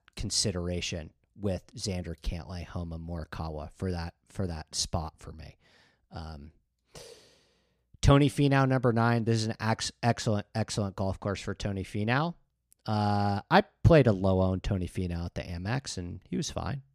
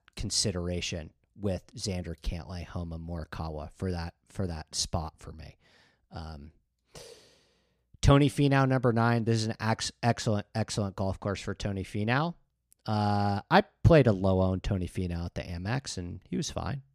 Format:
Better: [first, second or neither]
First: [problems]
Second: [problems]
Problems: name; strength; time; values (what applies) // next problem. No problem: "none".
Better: neither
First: none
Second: none